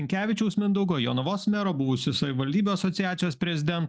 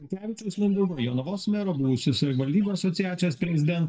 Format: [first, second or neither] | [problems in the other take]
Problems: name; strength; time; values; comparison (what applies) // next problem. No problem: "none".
first | noise reduction (neural mask model DeepFilterNet 3)